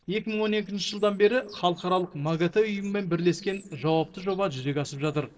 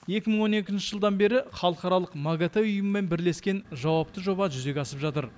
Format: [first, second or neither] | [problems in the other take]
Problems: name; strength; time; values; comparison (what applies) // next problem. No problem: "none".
second | noise reduction (neural separator model SepFormer DNS4)